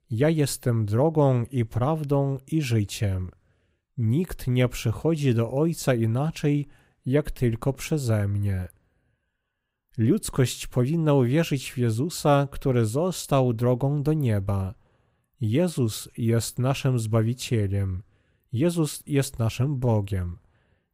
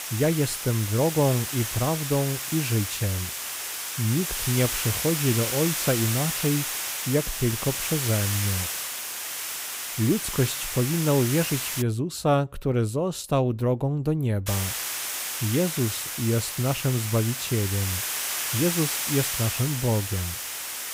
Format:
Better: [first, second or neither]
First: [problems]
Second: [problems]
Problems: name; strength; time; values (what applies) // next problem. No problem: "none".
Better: first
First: none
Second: hiss; loud; until 12 s and from 14 s on; 2 dB below the speech